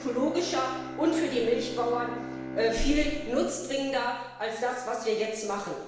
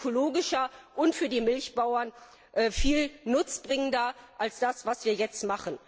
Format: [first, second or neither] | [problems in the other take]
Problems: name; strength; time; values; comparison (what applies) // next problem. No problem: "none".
second | background sound (Bowed string instrument); 11 dB below the speech // room echo; dies away in 0.9 s